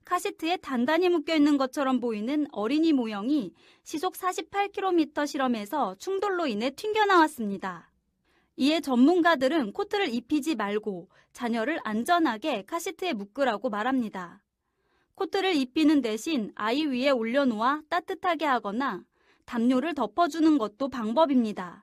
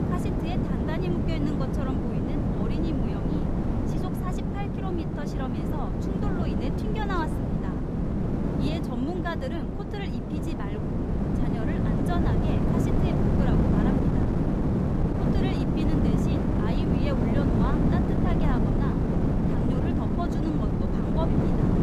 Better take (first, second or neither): first